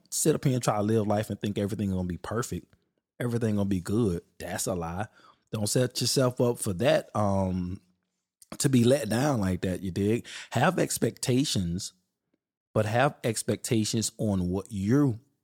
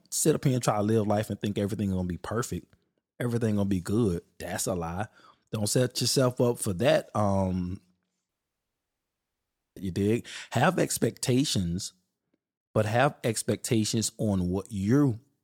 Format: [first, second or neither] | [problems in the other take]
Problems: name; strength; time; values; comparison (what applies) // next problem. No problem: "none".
first | audio cutting out; at 8.5 s for 1.5 s